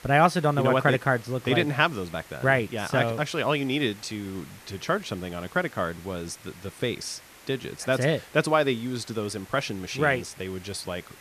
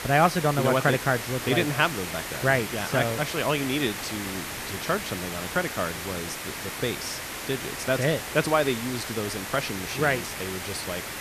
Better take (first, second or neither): first